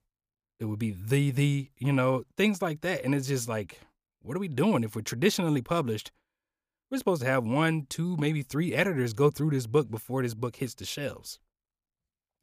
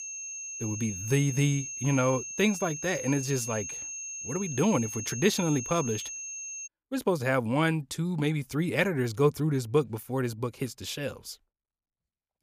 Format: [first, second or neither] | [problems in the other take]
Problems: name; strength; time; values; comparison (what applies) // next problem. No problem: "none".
first | high-pitched whine; loud; until 6.5 s; 6.5 kHz, 7 dB below the speech